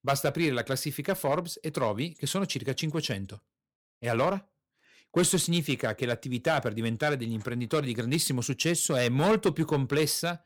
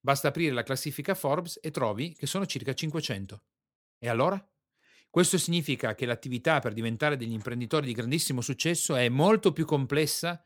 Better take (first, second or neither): second